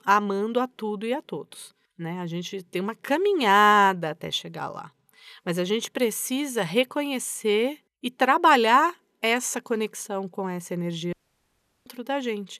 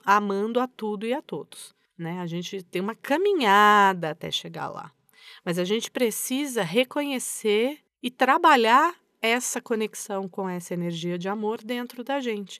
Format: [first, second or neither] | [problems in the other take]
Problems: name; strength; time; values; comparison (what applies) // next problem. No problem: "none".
second | audio cutting out; at 11 s for 0.5 s